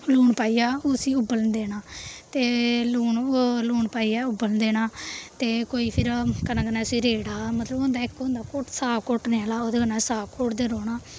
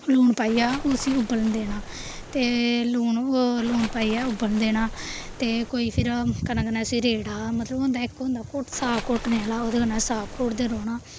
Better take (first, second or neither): first